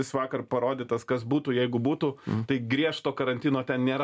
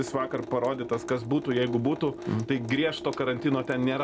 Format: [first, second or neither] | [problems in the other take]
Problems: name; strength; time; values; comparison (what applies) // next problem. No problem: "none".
first | background sound (Drip / Sink (filling or washing) / Water tap, faucet); 11 dB below the speech